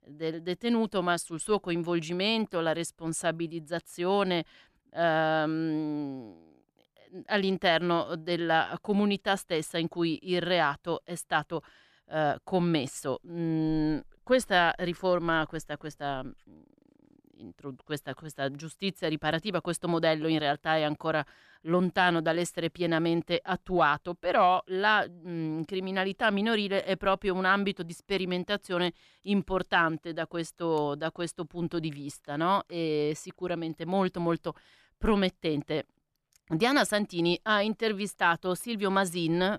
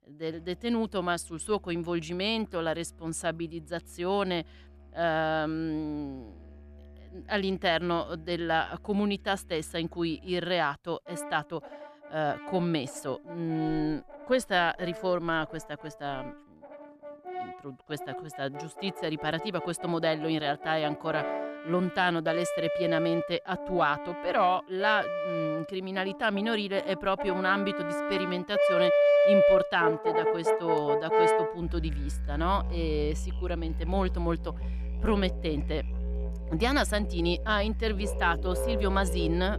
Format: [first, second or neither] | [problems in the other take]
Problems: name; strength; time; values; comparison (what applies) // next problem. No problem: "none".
first | background music; loud; throughout; 1 dB below the speech